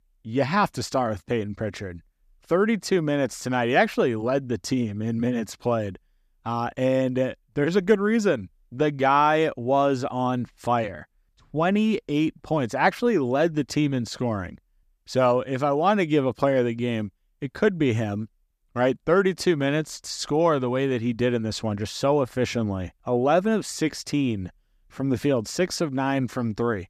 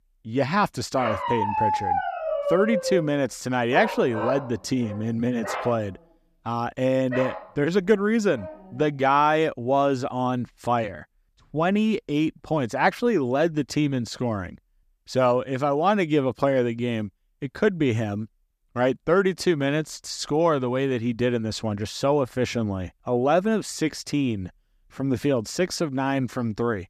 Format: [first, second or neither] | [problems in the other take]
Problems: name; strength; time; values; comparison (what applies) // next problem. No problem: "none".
first | dog barking; loud; from 1 to 8.5 s; peak 1 dB above the speech